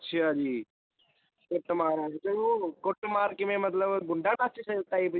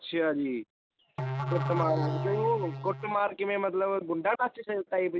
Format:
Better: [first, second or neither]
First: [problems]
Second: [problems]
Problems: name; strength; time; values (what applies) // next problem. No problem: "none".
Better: first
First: none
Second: background sound (Musical instrument); 3 dB below the speech